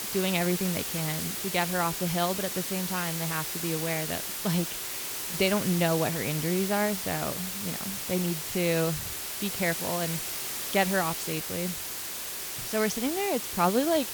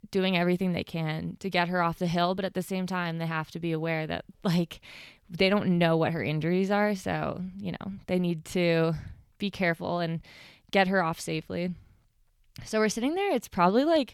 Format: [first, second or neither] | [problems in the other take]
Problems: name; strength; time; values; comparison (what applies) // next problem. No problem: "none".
second | hiss; loud; throughout; 2 dB below the speech